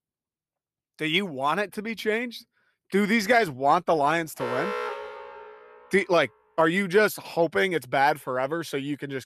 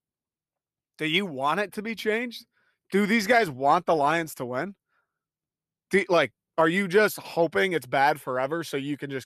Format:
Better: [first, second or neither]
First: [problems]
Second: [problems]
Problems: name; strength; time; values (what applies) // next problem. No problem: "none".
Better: second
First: alarm; noticeable; from 4.5 to 6 s; peak 5 dB below the speech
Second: none